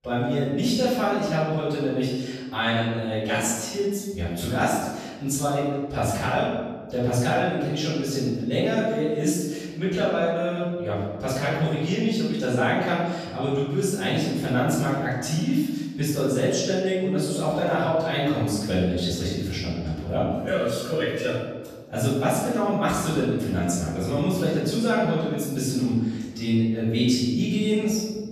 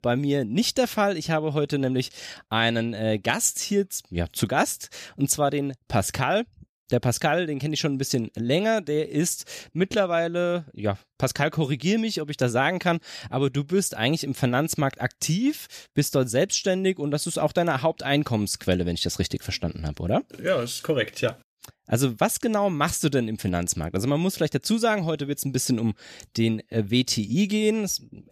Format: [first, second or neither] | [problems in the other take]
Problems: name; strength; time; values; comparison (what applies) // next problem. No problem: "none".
second | off-mic speech; far // room echo; strong; dies away in 1.3 s